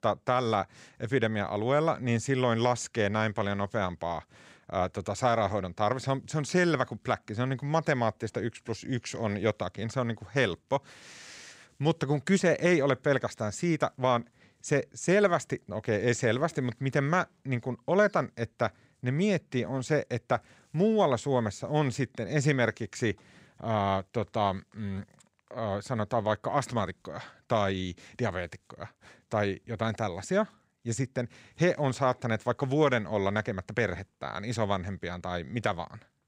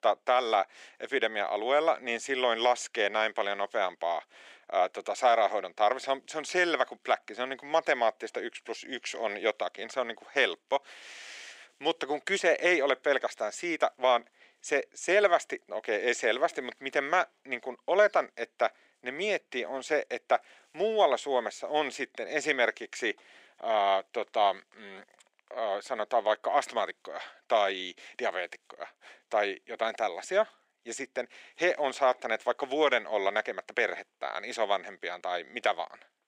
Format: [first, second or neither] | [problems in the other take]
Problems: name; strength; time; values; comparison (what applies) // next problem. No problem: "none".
first | thin; very; fading below 350 Hz